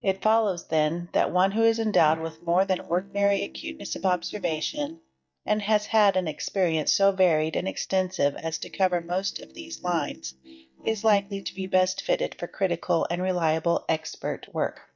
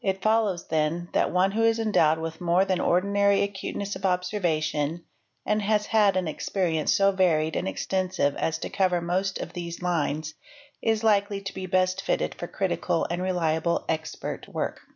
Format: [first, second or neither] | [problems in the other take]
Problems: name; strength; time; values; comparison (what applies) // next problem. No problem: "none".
second | noise reduction (neural mask model DeepFilterNet 3)